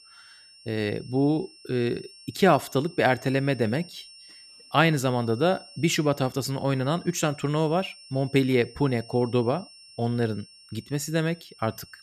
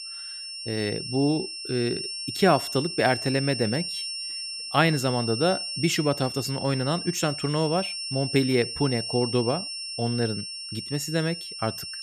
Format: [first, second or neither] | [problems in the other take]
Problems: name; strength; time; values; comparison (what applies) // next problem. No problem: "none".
first | high-pitched whine; loud; throughout; 5.5 kHz, 5 dB below the speech; faint in the first